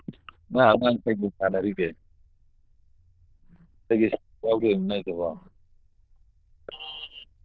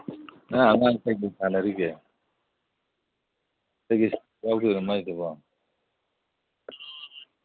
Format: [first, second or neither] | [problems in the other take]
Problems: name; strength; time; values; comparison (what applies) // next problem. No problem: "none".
second | noise reduction (neural diffusion model UNIVERSE++)